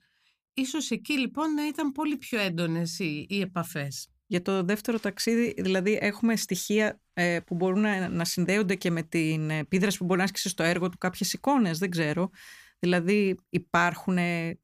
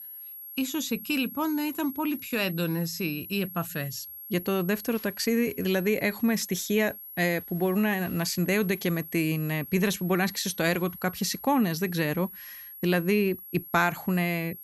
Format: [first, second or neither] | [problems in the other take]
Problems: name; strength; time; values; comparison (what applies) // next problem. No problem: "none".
first | high-pitched whine; noticeable; throughout; 11.5 kHz, 10 dB below the speech